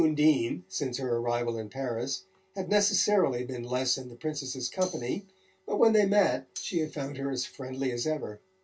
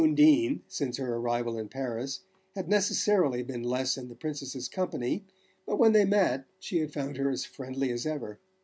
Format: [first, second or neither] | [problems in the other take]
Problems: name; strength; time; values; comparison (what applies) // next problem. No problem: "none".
second | background sound (Tambourine); 15 dB below the speech // room echo; dies away in 0.2 s